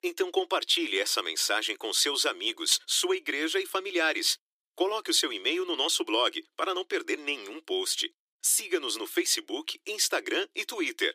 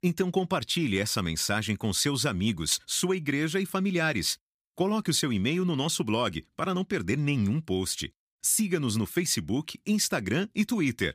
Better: second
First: thin; very; fading below 300 Hz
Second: none

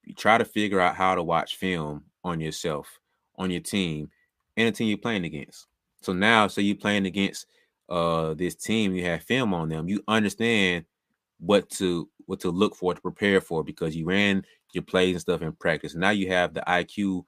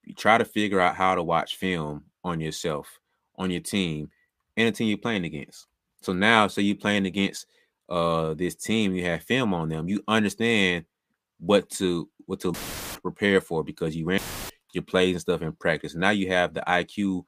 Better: first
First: none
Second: audio cutting out; filled with static; at 13 s and at 14 s

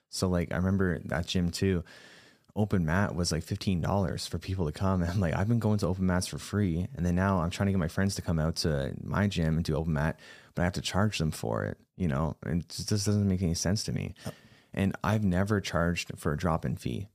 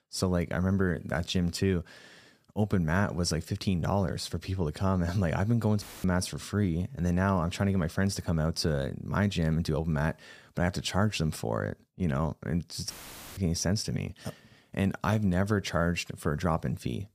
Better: first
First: none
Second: audio cutting out; filled with static; at 6 s and at 13 s

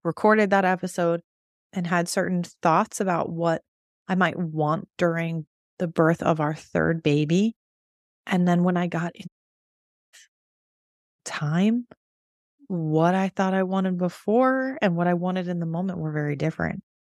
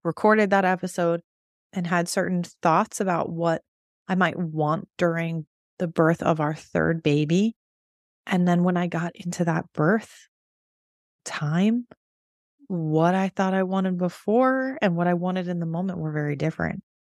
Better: second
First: audio cutting out; at 9.5 s for 1 s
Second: none

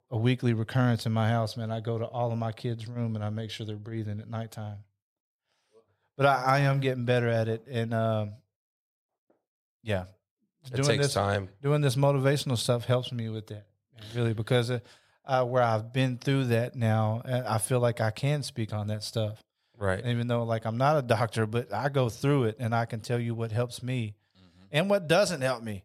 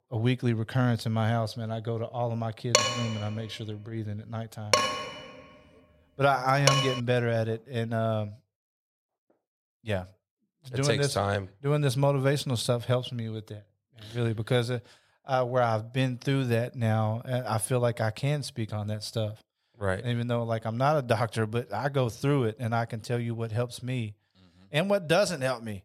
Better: first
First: none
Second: clattering dishes; loud; from 2.5 to 7 s; peak 5 dB above the speech

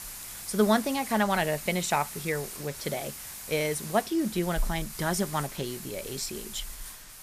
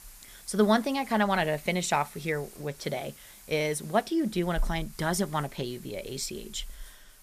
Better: second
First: hiss; loud; throughout; 9 dB below the speech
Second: hiss; faint; throughout; 20 dB below the speech

